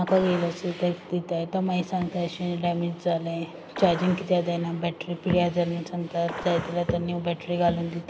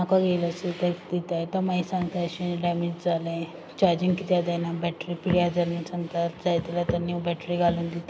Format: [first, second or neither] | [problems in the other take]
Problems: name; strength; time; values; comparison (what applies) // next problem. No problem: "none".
second | background sound (Gunshot, gunfire); 14 dB below the speech